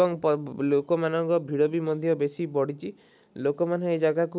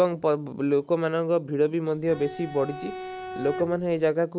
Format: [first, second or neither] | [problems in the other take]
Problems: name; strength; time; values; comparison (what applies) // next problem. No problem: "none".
first | background sound (Bowed string instrument); 12 dB below the speech